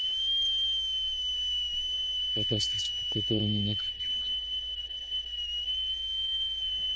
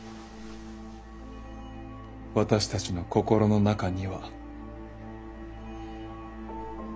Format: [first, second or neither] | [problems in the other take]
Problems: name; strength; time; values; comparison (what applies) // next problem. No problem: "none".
second | noise reduction (neural diffusion model UNIVERSE++)